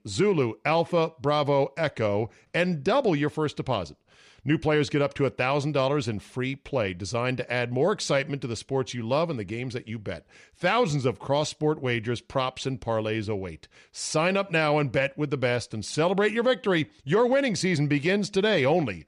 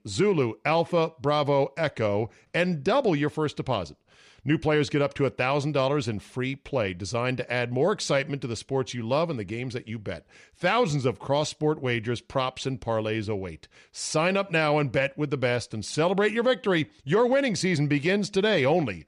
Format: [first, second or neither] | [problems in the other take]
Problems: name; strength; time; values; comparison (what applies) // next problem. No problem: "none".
neither | none